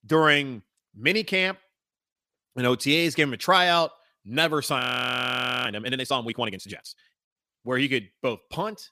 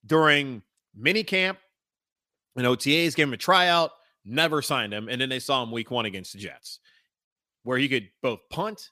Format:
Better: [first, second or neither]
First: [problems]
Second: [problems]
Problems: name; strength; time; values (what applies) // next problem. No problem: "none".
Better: second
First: audio freezing; at 5 s for 1 s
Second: none